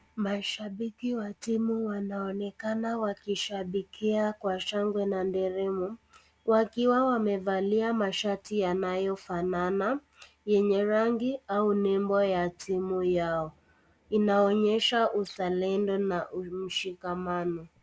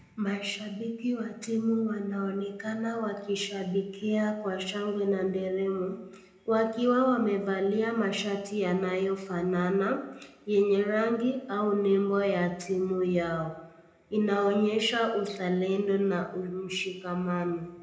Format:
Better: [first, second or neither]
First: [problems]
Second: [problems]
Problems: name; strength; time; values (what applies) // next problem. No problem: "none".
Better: first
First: none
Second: room echo; dies away in 0.8 s